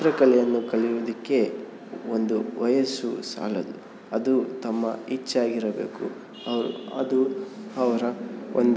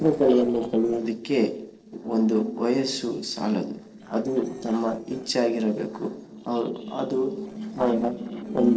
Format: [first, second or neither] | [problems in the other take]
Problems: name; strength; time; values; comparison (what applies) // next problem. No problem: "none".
first | noise reduction (neural separator model SepFormer DNS4)